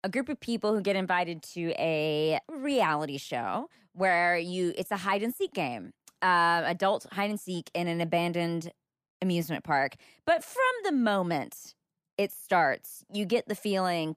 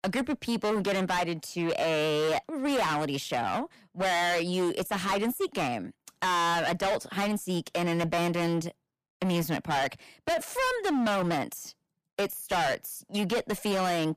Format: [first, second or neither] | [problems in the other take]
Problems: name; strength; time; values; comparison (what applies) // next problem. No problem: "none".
first | distortion; heavy; 23% of the sound clipped